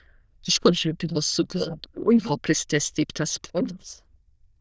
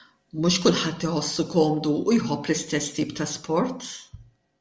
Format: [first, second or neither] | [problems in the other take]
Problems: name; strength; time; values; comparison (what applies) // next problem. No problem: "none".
second | noise reduction (neural diffusion model UNIVERSE++)